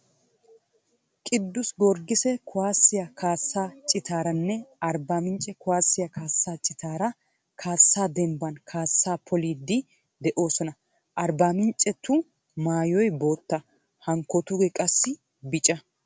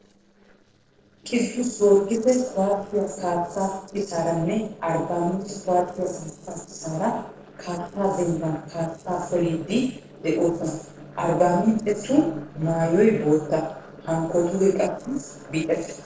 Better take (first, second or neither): first